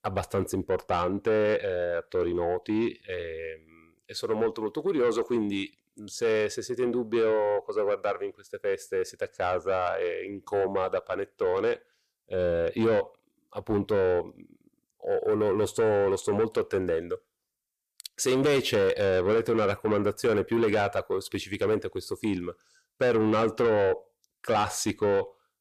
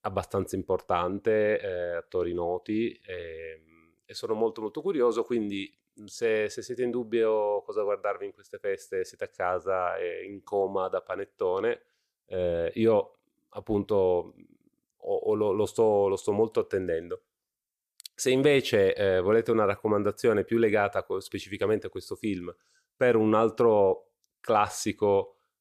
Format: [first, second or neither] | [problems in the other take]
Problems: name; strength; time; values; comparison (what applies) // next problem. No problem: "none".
second | distortion; slight; 10 dB below the speech